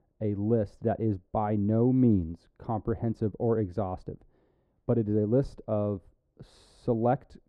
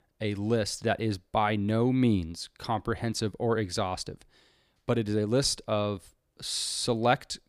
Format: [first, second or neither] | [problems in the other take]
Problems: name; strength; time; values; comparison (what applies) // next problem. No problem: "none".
second | muffled; very; fading above 1.5 kHz